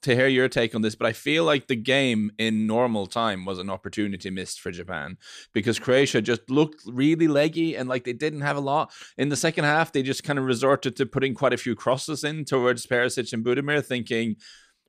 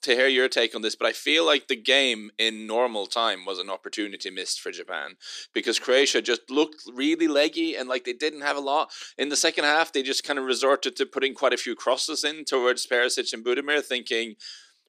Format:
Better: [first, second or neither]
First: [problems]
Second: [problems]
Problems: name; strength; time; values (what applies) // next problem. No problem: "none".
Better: first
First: none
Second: thin; somewhat; fading below 300 Hz